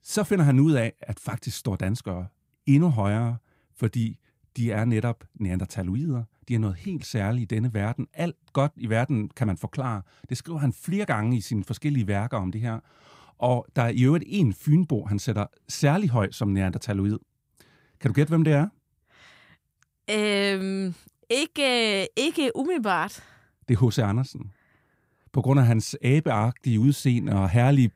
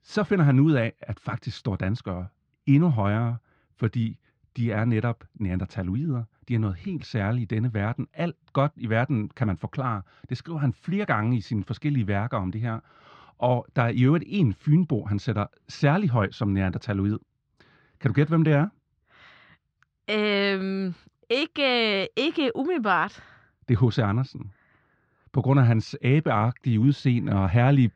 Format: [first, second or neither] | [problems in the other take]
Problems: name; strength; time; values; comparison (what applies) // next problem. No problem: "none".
first | muffled; very slightly; fading above 4.5 kHz